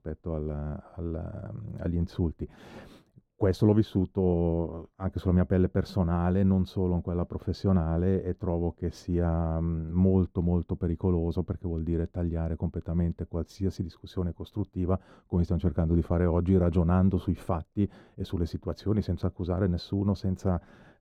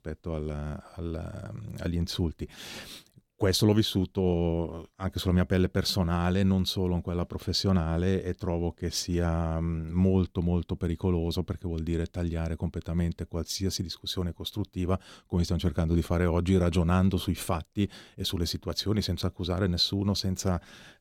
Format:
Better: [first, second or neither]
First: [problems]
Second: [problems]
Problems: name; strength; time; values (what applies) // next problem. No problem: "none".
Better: second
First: muffled; very; fading above 2 kHz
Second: none